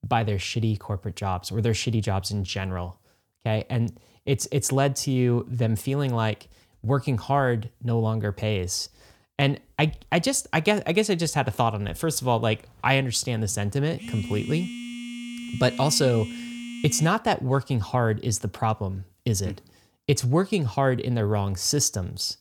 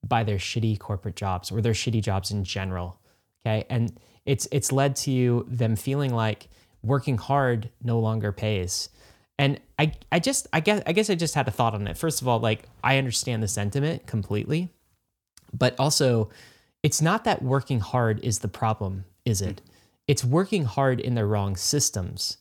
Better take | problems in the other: second | phone ringing; noticeable; from 14 to 17 s; peak 10 dB below the speech

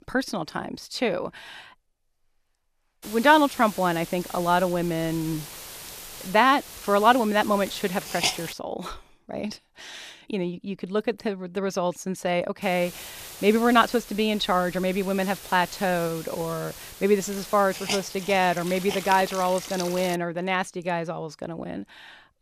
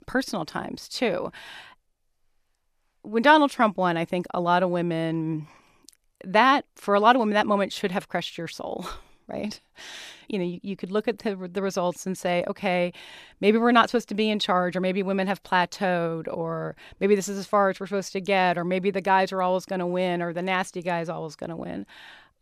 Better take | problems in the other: second | hiss; noticeable; from 3 to 8.5 s and from 13 to 20 s; 10 dB below the speech

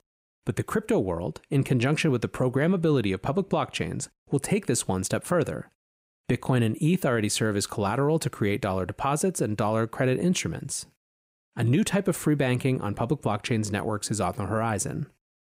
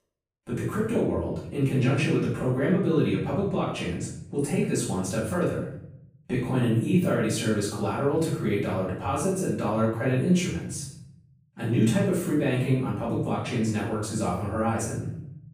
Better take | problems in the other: first | off-mic speech; far // room echo; noticeable; dies away in 0.7 s

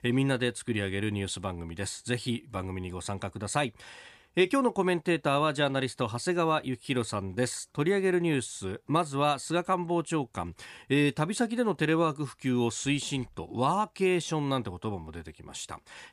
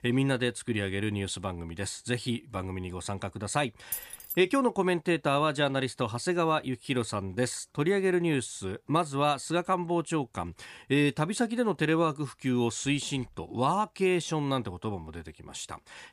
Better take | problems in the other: first | jangling keys; noticeable; at 4 s; peak 6 dB below the speech

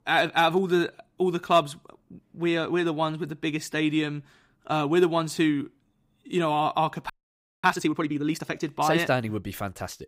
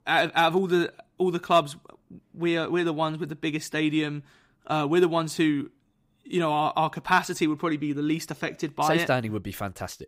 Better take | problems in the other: second | audio freezing; at 7 s for 0.5 s

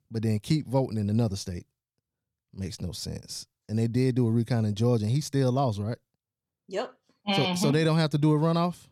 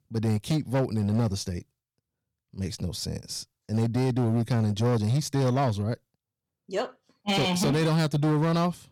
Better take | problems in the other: first | distortion; slight; 11% of the sound clipped

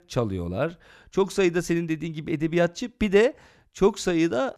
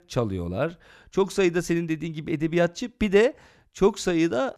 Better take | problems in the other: neither | none

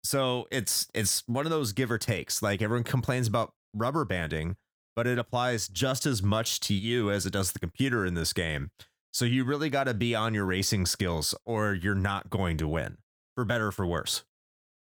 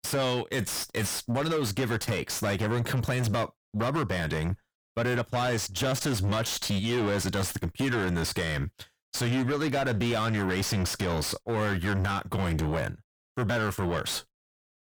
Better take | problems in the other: first | distortion; heavy; 7 dB below the speech

